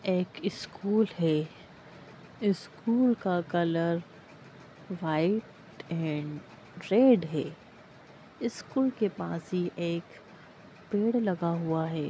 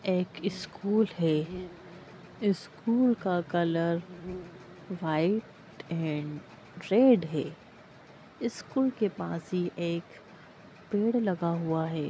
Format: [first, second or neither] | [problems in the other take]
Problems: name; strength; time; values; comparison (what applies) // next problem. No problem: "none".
first | background sound (Insect); 17 dB below the speech